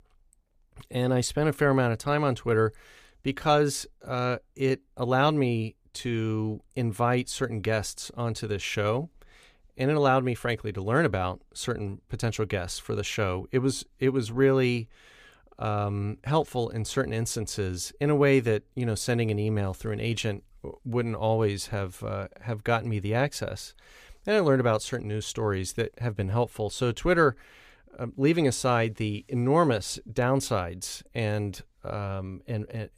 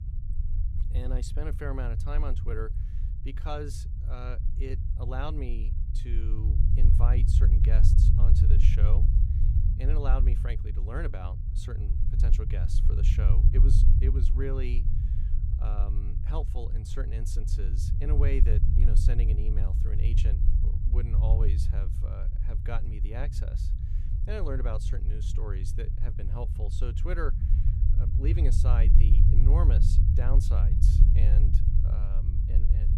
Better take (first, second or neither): first